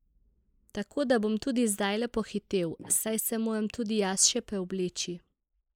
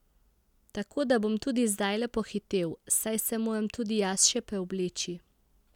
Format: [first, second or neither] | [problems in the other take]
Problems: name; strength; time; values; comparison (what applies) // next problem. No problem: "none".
second | noise reduction (neural mask model Resemble Enhance denoiser)